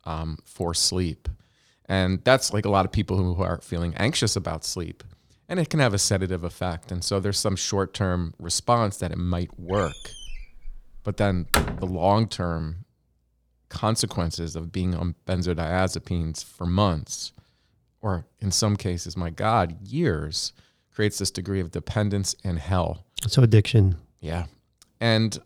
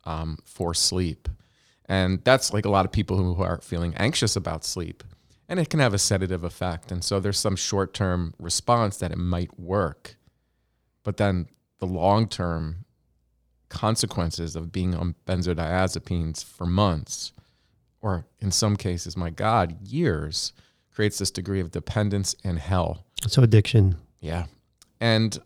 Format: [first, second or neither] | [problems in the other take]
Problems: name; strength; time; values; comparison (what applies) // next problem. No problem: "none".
second | door banging; loud; from 10 to 12 s; peak 1 dB above the speech